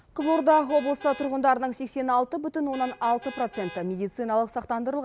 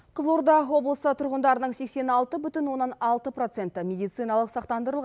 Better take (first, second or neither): second